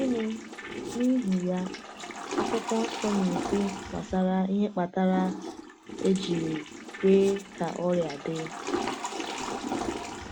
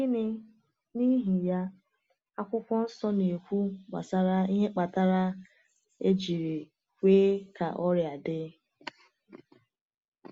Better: second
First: background sound (Toilet flush / Water); 7 dB below the speech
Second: none

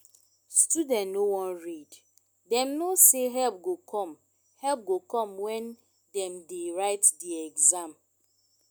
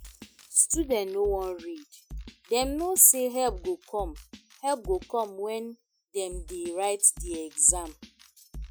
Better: first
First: none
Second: noise reduction (classical method Wiener filter)

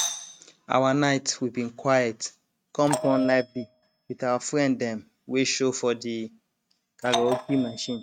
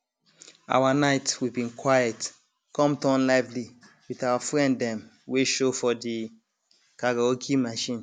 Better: second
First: noise reduction (neural mask model RNNoise)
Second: none

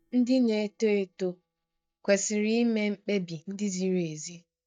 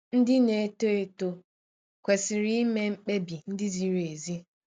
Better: second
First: noise reduction (neural mask model DeepFilterNet 3)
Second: none

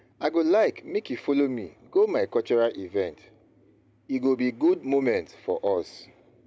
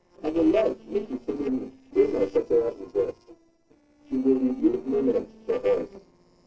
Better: first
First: none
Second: noise reduction (neural separator model SepFormer DNS4)

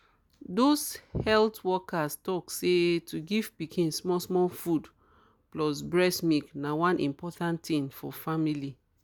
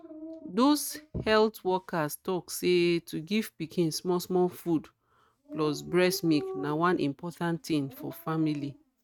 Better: first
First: none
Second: noise reduction (neural mask model RNNoise)

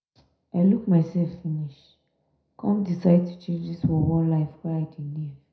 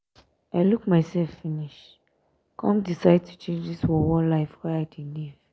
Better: second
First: room echo; dies away in 0.5 s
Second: none

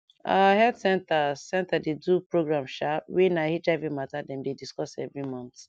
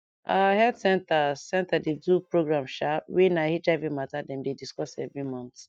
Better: first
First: none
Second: noise reduction (neural mask model DeepFilterNet 3)

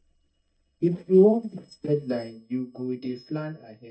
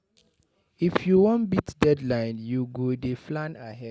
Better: second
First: noise reduction (neural mask model DeepFilterNet 3)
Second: none

